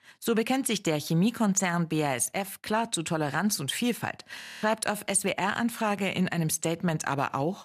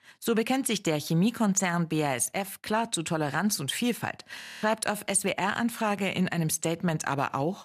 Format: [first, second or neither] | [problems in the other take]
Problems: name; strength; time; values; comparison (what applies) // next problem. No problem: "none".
neither | audio freezing; at 4.5 s; the same in both